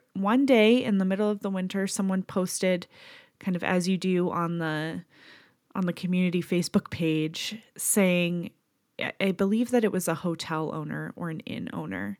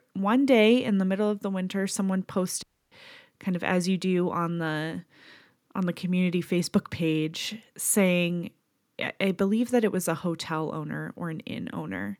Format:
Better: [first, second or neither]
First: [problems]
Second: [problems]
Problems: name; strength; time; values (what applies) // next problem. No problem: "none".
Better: first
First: none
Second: audio cutting out; at 2.5 s